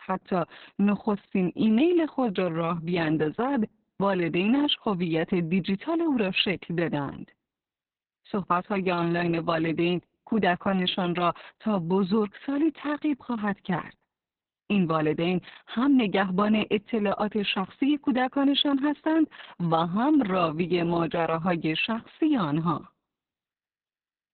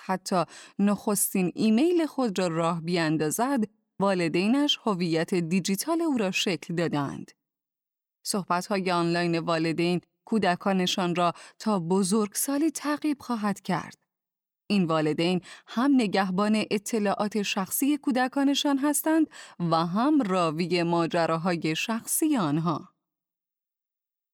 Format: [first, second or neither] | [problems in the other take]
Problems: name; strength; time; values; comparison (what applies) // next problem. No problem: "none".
second | garbled, watery; badly; nothing above 3.5 kHz